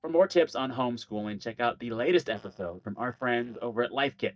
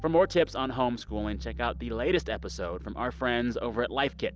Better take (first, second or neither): second